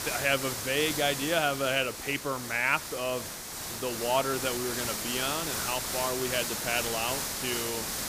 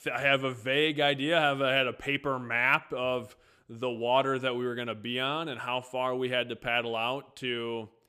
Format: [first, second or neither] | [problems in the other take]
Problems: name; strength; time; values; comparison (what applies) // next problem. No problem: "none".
second | hiss; loud; throughout; 2 dB below the speech